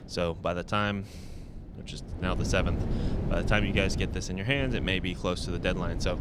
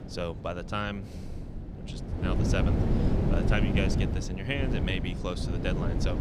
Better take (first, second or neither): first